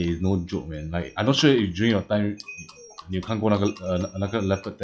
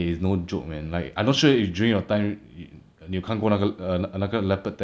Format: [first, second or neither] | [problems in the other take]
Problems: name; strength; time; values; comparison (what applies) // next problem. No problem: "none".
second | noise reduction (classical method log-MMSE)